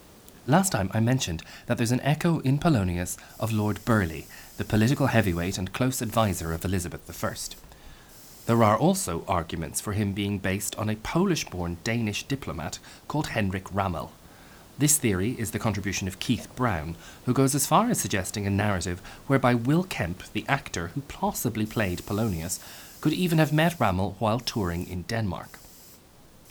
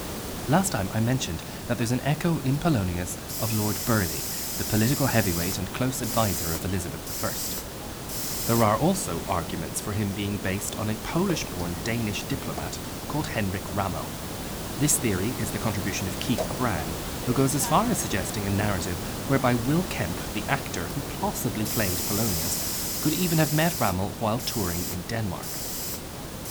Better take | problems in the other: first | hiss; loud; throughout; 3 dB below the speech; faint in the first

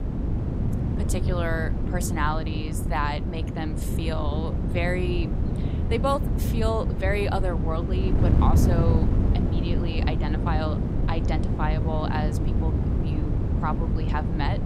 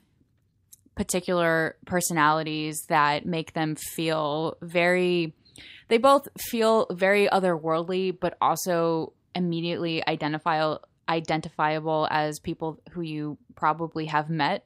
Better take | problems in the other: second | wind noise on the microphone; heavy; 5 dB below the speech

